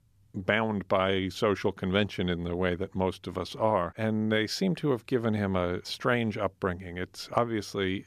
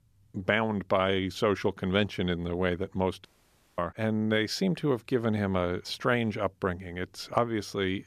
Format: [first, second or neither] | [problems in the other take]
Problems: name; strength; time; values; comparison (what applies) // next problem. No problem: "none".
first | audio cutting out; at 3.5 s for 0.5 s